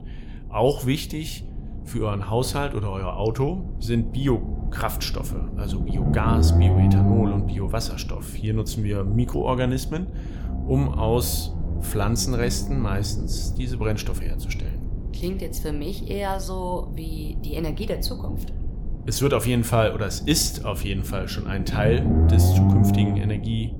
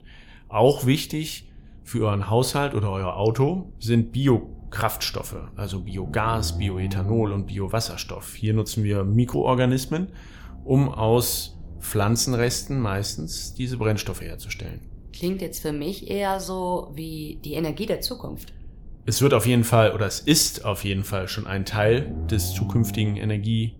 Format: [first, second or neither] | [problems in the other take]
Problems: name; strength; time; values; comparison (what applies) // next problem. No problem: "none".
second | low rumble; loud; throughout; 7 dB below the speech; faint in the second